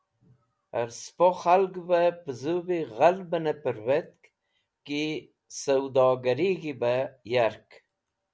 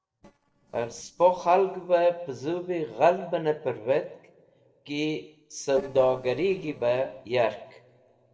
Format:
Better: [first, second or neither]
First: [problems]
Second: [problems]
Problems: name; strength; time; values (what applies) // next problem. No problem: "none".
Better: first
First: none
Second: noise reduction (neural separator model SepFormer DNS4)